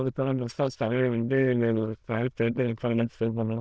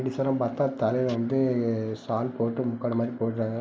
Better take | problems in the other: second | noise reduction (neural diffusion model UNIVERSE++)

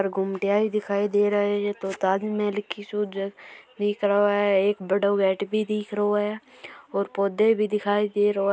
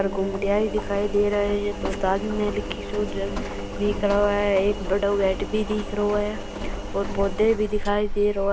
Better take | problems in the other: first | background sound (Engine); 5 dB below the speech

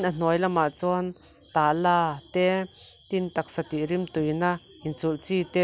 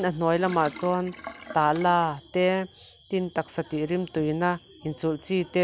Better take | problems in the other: first | background sound (Sink (filling or washing)); 18 dB below the speech

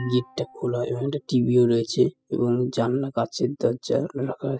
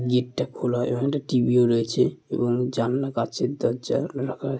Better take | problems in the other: second | noise reduction (classical method spectral subtraction)

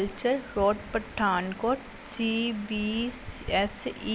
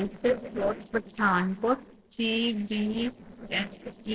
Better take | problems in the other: first | noise reduction (neural separator model SepFormer DNS4)

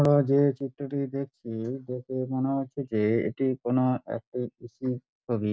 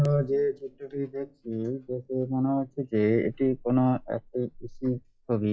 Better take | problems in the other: first | noise reduction (classical method log-MMSE)

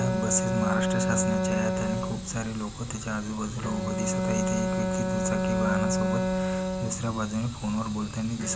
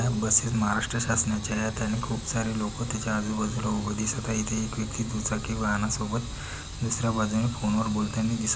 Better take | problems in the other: second | background sound (Bowed string instrument); 1 dB above the speech

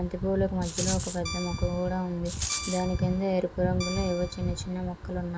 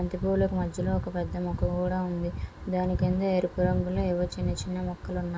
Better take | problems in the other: second | background sound (Rattle + Guitar); 9 dB below the speech

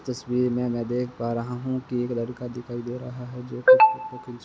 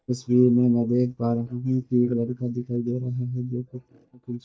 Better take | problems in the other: first | noise reduction (neural mask model DeepFilterNet 3)

